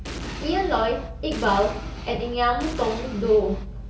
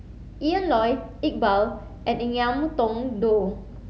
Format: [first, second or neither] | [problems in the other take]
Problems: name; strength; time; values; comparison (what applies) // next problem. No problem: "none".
second | background sound (Explosion); 13 dB below the speech // room echo; dies away in 0.3 s